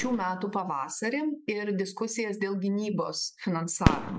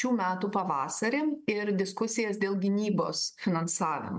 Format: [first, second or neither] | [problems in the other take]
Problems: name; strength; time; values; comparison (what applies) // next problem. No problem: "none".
second | noise reduction (classical method Wiener filter)